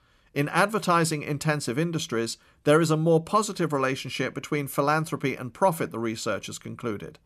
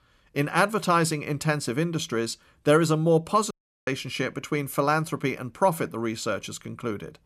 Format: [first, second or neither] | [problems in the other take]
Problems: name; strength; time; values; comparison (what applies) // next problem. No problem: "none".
first | audio cutting out; at 3.5 s